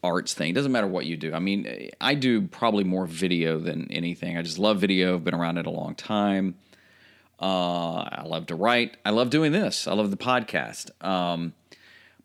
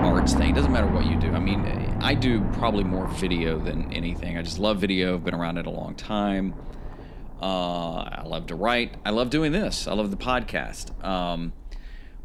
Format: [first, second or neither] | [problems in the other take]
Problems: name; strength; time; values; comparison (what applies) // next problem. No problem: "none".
first | low rumble; loud; throughout; 6 dB below the speech